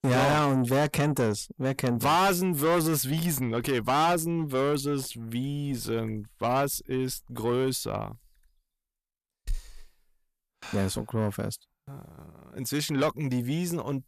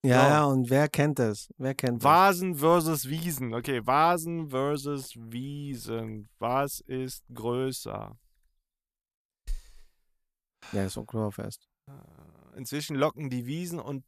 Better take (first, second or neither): second